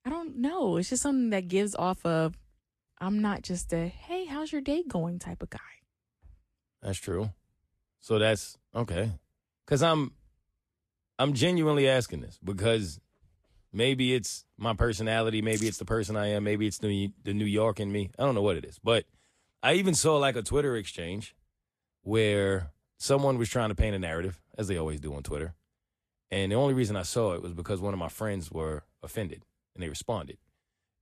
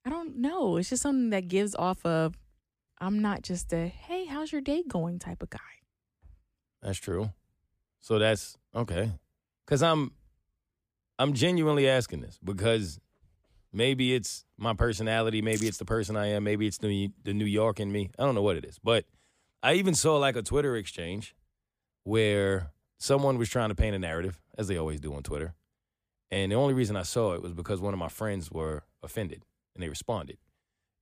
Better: second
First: garbled, watery; slightly; nothing above 12.5 kHz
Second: none

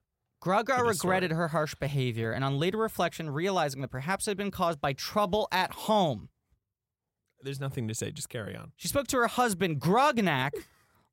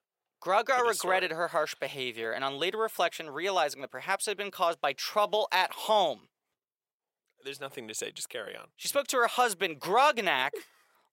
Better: first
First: none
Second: thin; very; fading below 500 Hz

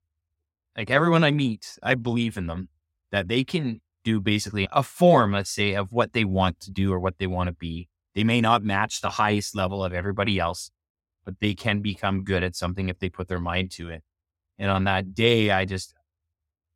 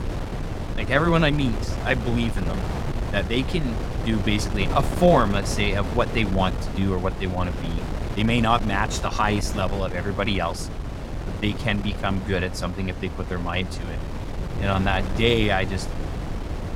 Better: first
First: none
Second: wind noise on the microphone; occasional gusts; 10 dB below the speech

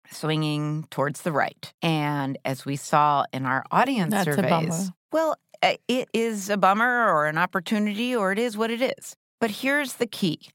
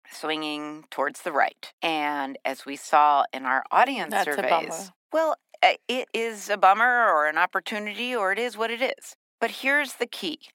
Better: first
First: none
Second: thin; somewhat; fading below 250 Hz

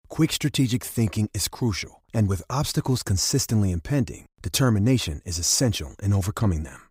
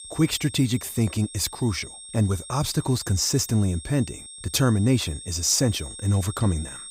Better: first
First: none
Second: high-pitched whine; noticeable; throughout; 8.5 kHz, 15 dB below the speech

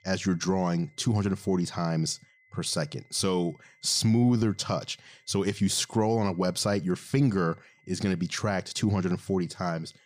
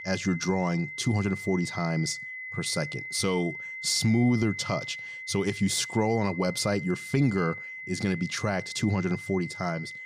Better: first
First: high-pitched whine; faint; throughout; 2 kHz, 35 dB below the speech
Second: high-pitched whine; loud; throughout; 2 kHz, 9 dB below the speech

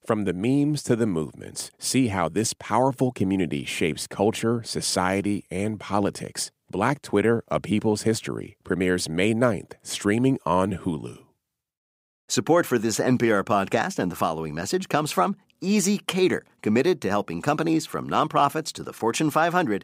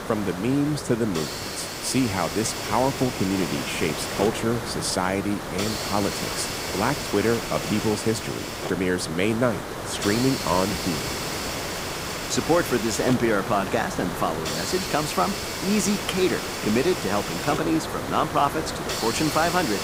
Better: first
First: none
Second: hiss; loud; throughout; 4 dB below the speech

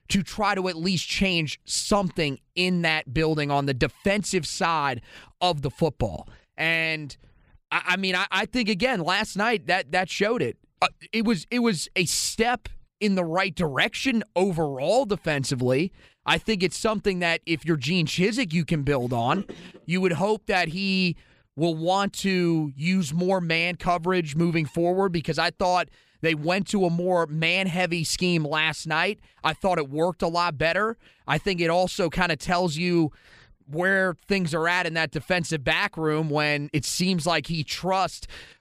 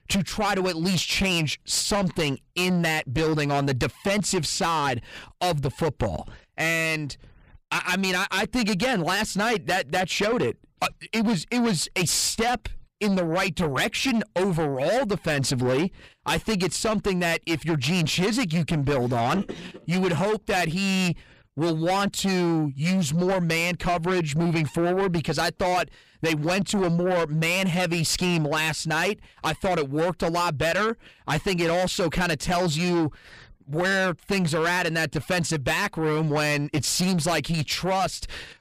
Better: first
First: none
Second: distortion; heavy; 7 dB below the speech

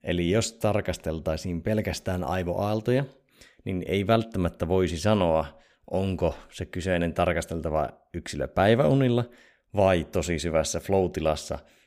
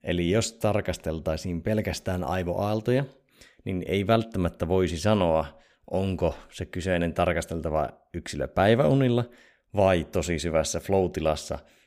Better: neither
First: none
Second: none

